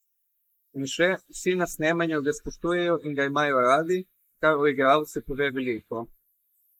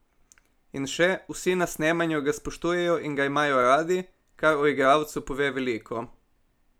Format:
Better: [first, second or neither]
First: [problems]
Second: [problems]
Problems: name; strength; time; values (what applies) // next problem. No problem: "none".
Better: second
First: noise reduction (neural mask model Resemble Enhance denoiser)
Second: none